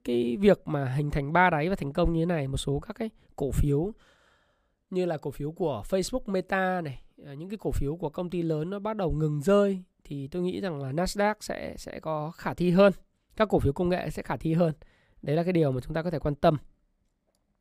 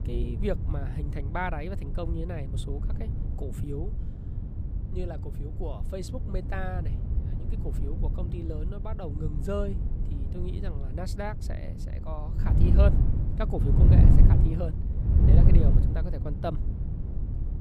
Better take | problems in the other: first | wind noise on the microphone; heavy; 3 dB below the speech

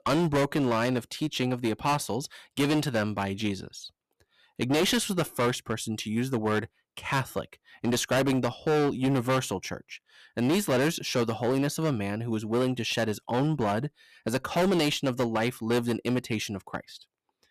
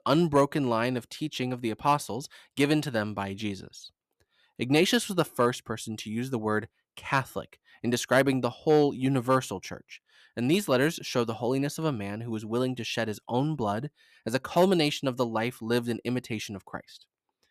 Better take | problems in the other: second | distortion; heavy; 13% of the sound clipped

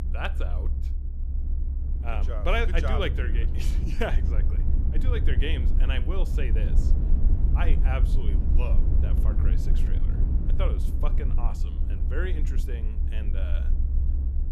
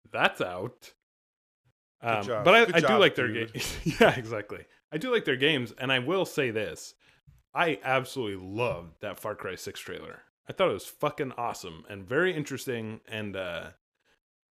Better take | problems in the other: second | low rumble; loud; throughout; 9 dB below the speech

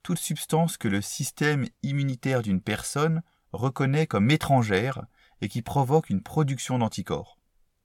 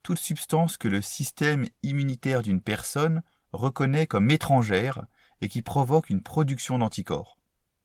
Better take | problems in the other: first | garbled, watery; slightly; nothing above 18 kHz

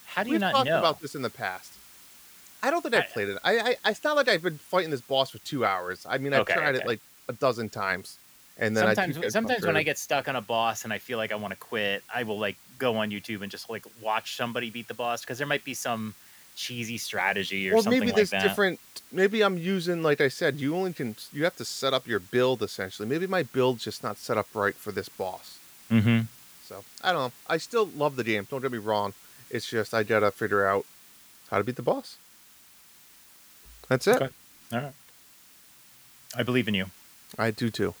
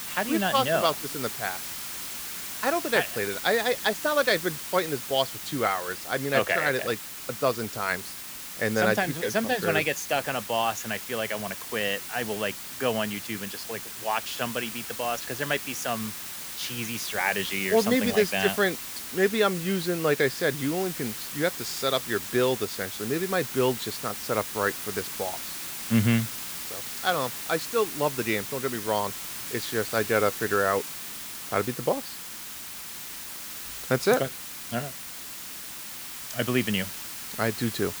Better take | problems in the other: first | hiss; loud; throughout; 7 dB below the speech; faint in the first

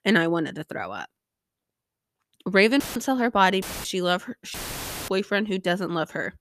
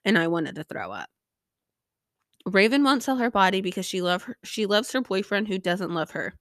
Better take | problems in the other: second | audio cutting out; filled with static; at 3 s, at 3.5 s and at 4.5 s for 0.5 s

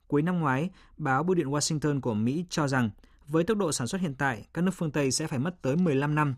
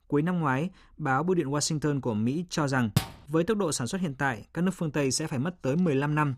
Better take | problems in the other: first | door banging; noticeable; at 3 s; peak 2 dB below the speech

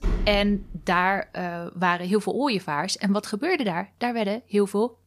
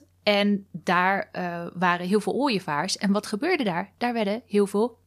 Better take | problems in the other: second | door banging; noticeable; at the start; peak 5 dB below the speech

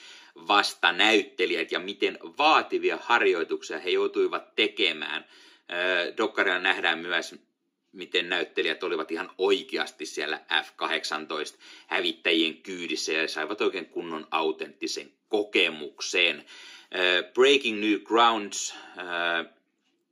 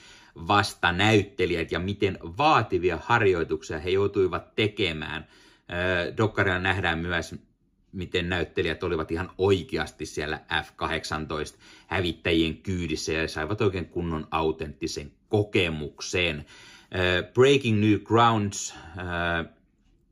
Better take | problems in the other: second | thin; somewhat; fading below 300 Hz

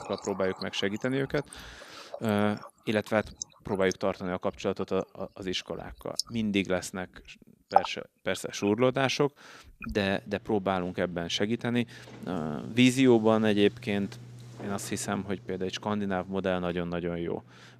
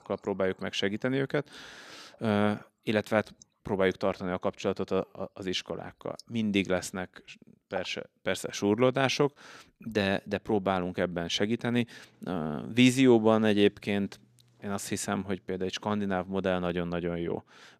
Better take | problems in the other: second | household noises; loud; throughout; 10 dB below the speech; faint in the second

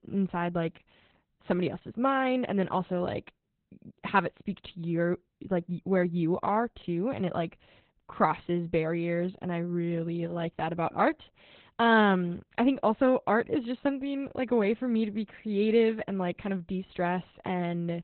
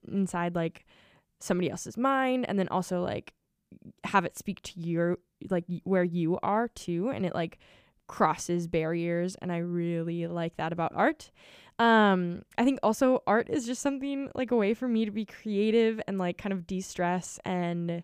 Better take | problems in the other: second | garbled, watery; badly; nothing above 4 kHz

